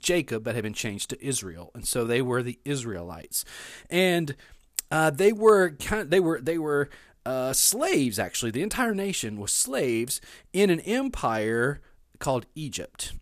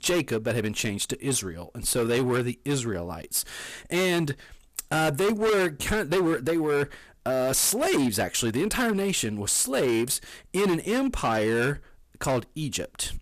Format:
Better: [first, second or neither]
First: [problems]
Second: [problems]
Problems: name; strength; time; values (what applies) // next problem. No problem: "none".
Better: first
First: none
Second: distortion; heavy; 14% of the sound clipped